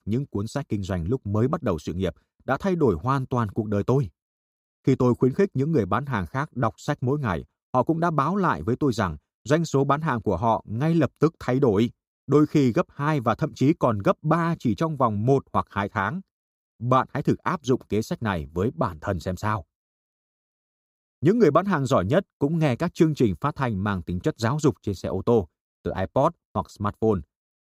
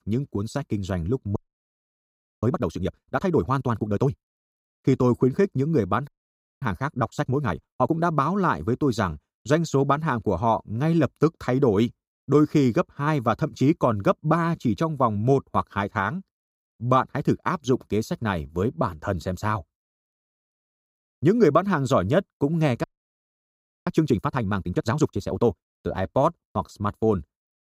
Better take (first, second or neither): first